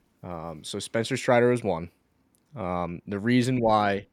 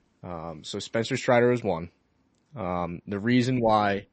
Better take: first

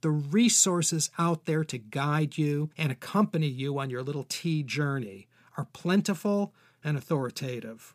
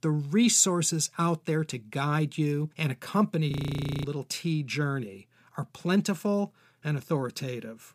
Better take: first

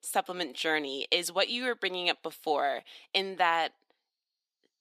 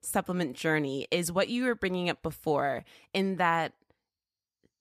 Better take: second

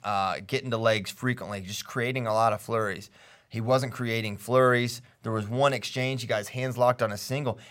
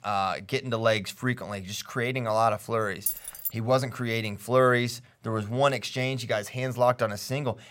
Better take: first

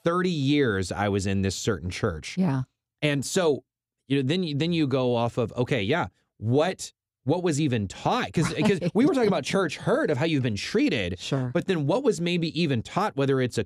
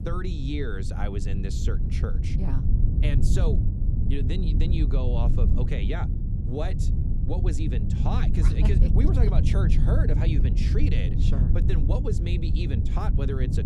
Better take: first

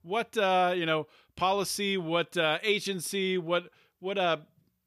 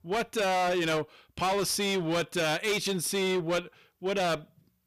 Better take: first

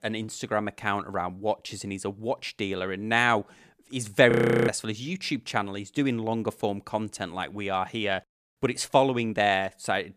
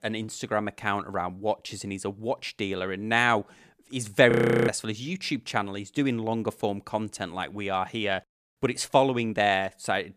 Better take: neither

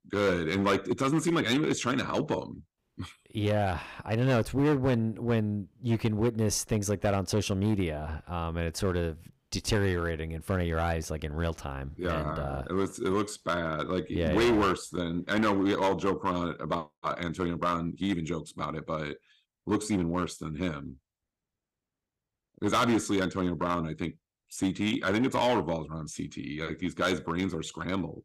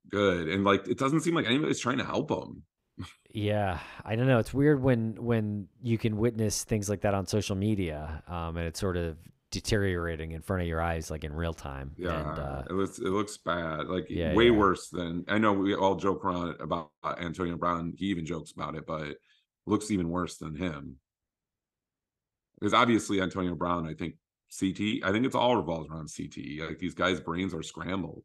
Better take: second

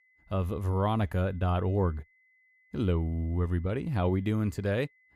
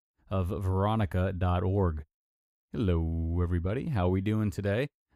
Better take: second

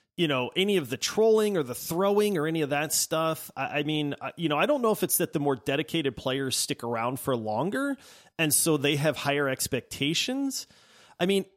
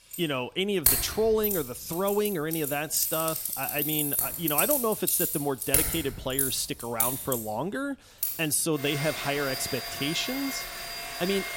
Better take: first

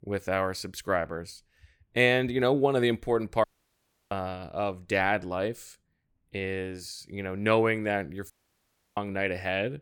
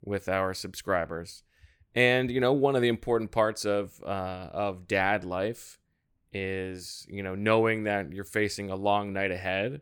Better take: second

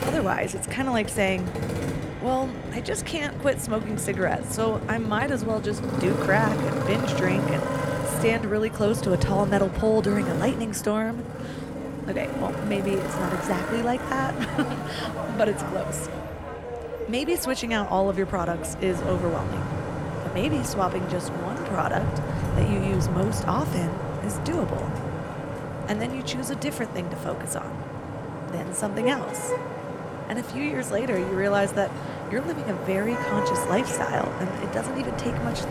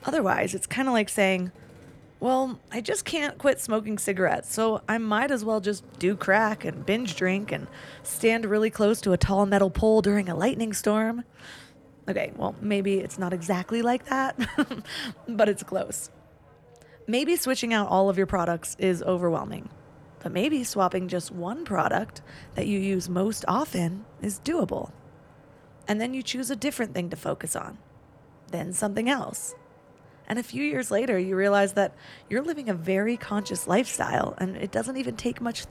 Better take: second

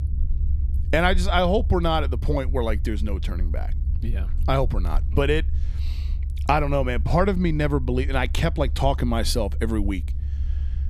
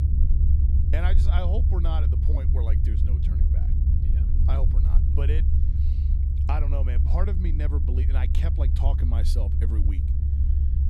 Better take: first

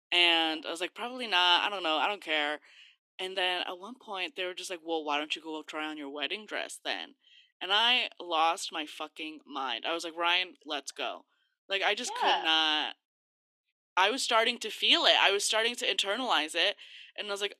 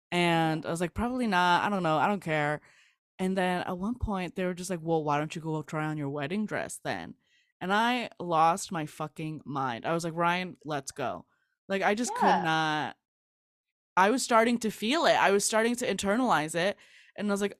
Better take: second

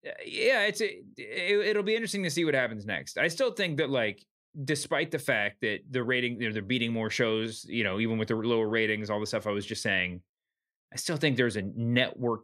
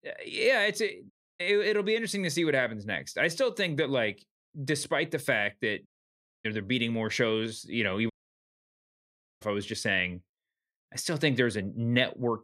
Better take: first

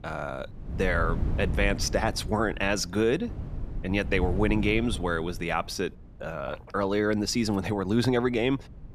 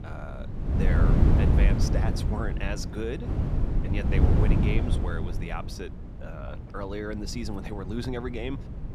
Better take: first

